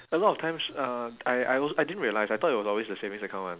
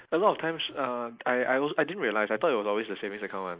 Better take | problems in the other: first | noise reduction (neural mask model Resemble Enhance denoiser)

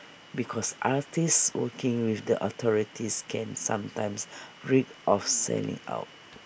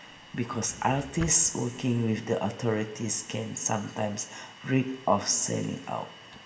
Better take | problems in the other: first | background sound (Drawer open or close); 16 dB below the speech // room echo; dies away in 0.8 s

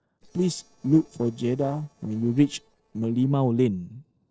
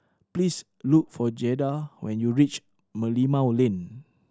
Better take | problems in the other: second | noise reduction (neural separator model SepFormer DNS4)

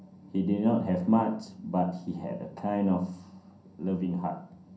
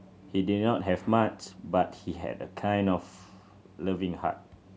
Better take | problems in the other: second | room echo; dies away in 0.6 s

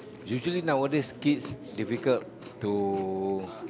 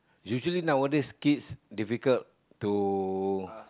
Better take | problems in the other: second | background sound (Chewing, mastication); 13 dB below the speech

